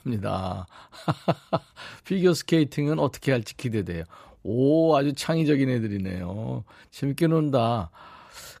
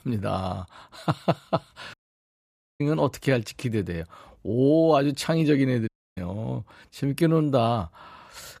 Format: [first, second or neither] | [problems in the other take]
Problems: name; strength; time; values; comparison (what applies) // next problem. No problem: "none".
first | audio cutting out; at 2 s for 1 s and at 6 s